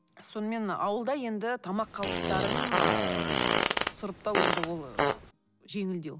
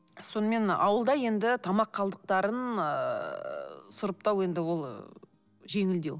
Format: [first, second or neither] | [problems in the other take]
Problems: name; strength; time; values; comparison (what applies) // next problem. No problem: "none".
second | background sound (Fart); 5 dB above the speech